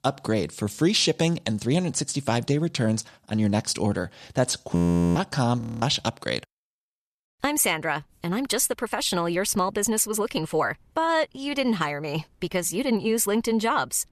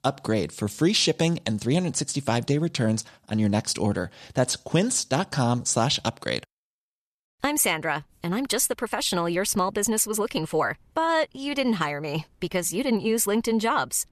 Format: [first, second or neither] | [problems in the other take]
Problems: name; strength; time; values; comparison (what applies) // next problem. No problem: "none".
second | audio freezing; at 5 s and at 5.5 s